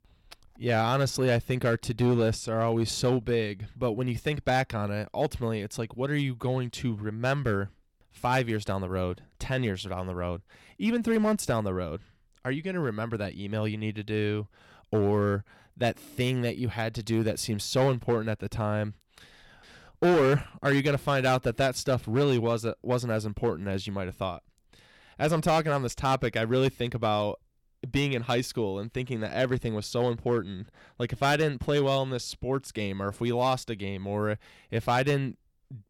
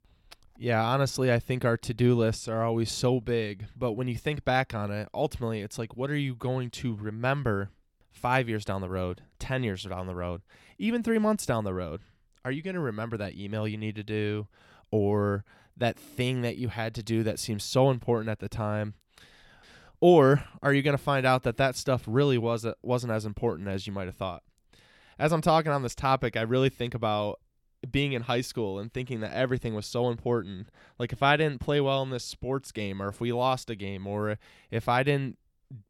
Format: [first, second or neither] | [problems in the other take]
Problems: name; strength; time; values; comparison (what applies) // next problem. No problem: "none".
second | distortion; slight; 3% of the sound clipped